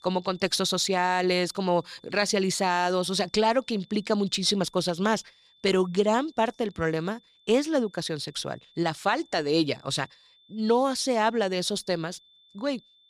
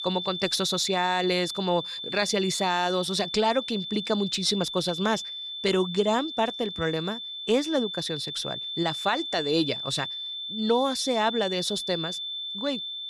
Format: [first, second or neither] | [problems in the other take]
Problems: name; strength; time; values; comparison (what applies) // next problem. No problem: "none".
first | high-pitched whine; loud; throughout; 3.5 kHz, 5 dB below the speech; faint in the first